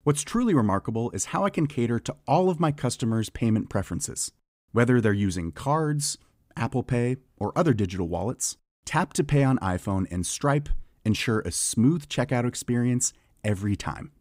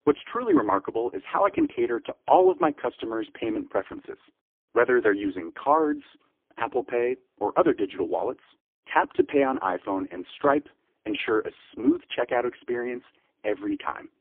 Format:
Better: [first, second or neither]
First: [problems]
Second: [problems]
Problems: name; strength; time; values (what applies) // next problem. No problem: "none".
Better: first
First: none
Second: phone-call audio; poor line; nothing above 3.5 kHz